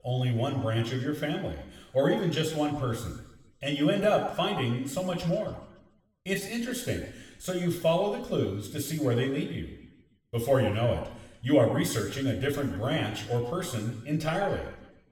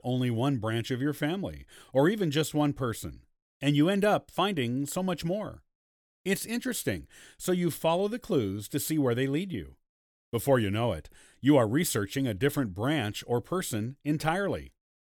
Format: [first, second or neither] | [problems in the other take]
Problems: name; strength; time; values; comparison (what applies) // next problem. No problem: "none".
second | room echo; noticeable; dies away in 1 s // off-mic speech; somewhat distant